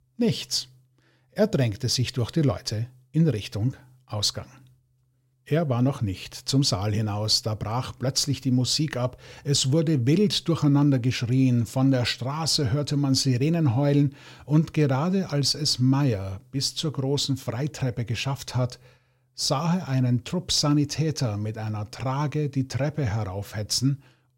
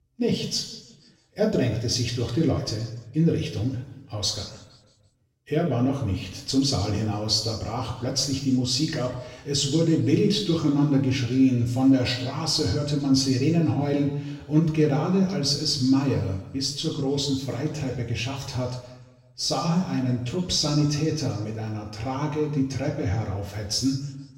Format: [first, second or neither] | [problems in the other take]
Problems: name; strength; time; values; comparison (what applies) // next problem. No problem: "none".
first | room echo; noticeable; dies away in 0.9 s // off-mic speech; far